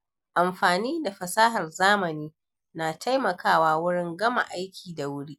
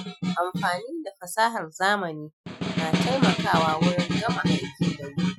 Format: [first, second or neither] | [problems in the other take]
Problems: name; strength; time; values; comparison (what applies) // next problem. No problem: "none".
first | noise reduction (classical method Wiener filter)